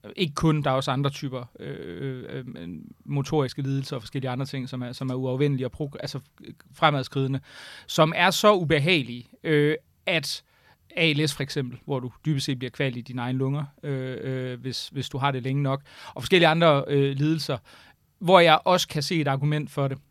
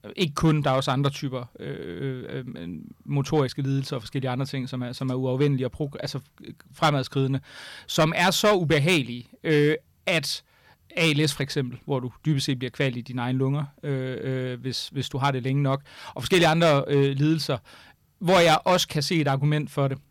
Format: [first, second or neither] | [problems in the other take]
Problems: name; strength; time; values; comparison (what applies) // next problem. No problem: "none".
first | distortion; slight; 3% of the sound clipped